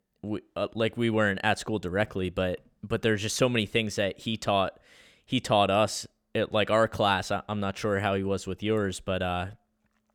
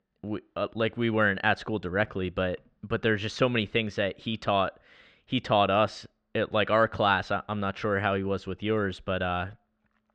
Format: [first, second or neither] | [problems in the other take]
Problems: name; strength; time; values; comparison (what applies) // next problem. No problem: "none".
first | muffled; slightly; fading above 4 kHz